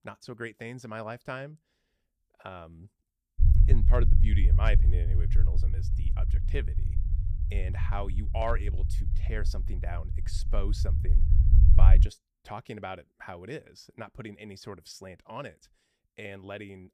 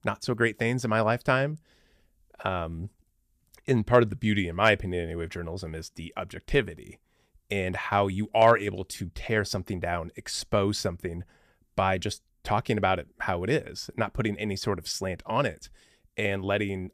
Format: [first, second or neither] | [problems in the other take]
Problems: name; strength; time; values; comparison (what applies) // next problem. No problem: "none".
second | low rumble; loud; from 3.5 to 12 s; 7 dB below the speech